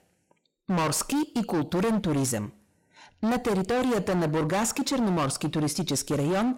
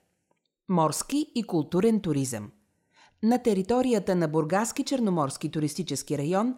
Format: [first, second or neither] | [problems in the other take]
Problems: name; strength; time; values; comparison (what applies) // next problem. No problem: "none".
second | distortion; heavy; 27% of the sound clipped